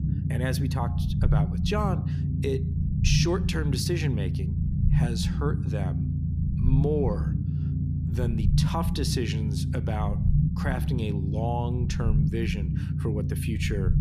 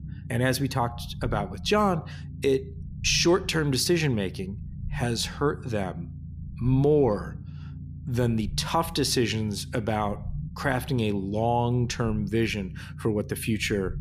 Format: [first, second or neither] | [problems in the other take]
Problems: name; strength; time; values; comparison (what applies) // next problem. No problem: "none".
second | low rumble; loud; throughout; 5 dB below the speech; faint in the second